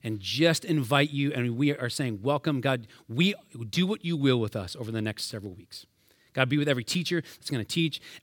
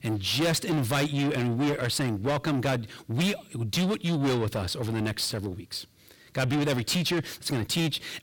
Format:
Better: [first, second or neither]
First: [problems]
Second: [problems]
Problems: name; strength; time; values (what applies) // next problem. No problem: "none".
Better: first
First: none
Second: distortion; heavy; 5 dB below the speech